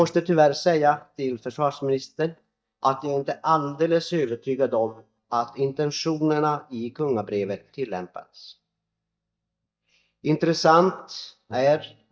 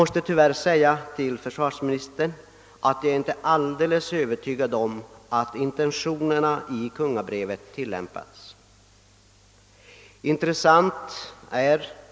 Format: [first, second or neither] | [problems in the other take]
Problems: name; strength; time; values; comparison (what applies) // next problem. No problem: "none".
second | noise reduction (neural mask model DeepFilterNet 3)